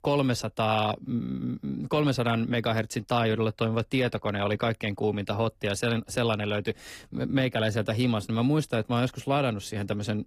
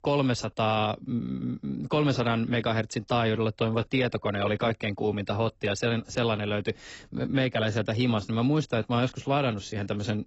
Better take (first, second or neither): first